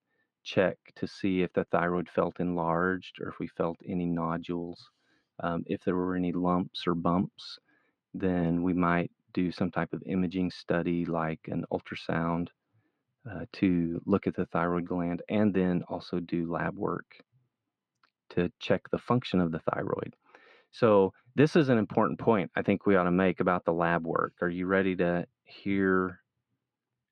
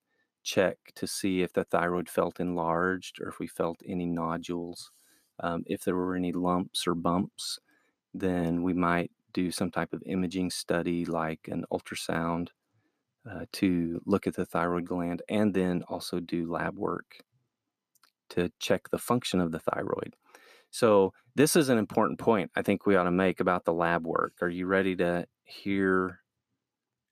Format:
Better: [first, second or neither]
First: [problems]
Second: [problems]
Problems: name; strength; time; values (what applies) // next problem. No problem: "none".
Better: second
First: muffled; slightly; fading above 3.5 kHz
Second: none